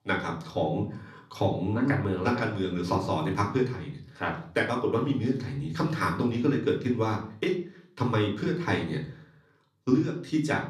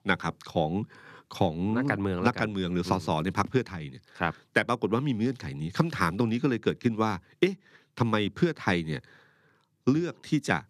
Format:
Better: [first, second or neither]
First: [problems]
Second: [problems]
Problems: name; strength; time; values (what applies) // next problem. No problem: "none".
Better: second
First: off-mic speech; somewhat distant // room echo; slight; dies away in 0.4 s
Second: none